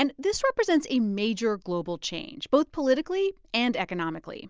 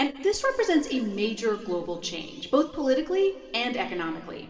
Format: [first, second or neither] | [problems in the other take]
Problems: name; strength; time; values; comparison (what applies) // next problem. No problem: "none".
first | room echo; dies away in 2.3 s